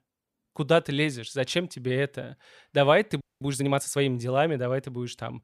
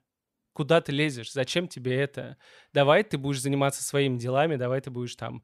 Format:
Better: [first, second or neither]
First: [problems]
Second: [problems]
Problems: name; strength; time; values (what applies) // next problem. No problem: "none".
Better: second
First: audio freezing; at 3 s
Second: none